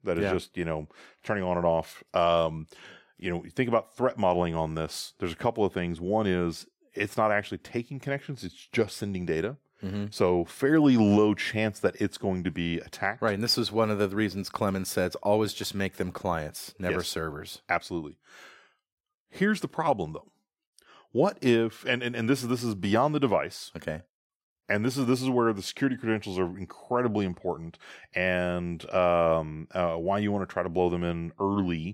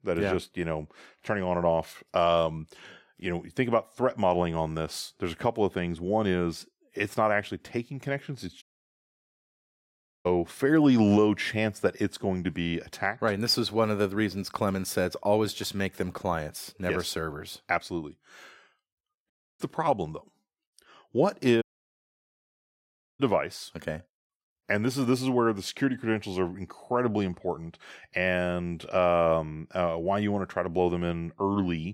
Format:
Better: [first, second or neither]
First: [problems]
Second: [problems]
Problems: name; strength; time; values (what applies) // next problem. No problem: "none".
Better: first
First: none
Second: audio cutting out; at 8.5 s for 1.5 s, at 19 s and at 22 s for 1.5 s